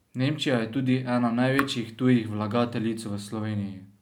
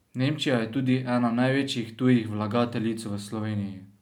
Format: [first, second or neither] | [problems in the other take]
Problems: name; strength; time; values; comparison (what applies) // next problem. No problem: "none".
second | background sound (Raindrop / Drip); 10 dB below the speech